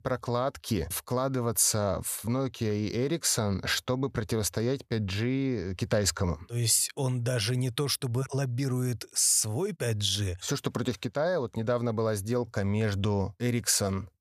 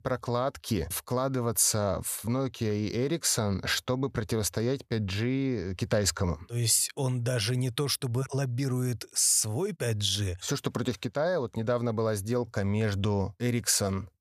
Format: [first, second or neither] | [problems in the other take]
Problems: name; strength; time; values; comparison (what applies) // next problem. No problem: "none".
neither | none